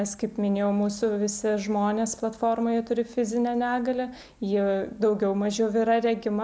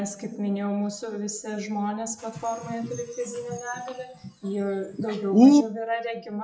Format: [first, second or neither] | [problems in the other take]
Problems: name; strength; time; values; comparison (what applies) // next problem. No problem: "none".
first | noise reduction (classical method WPE with log-MMSE)